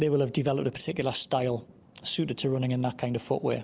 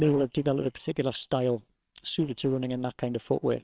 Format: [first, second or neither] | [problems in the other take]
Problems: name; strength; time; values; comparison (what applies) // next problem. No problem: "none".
first | noise reduction (neural separator model SepFormer WHAMR!)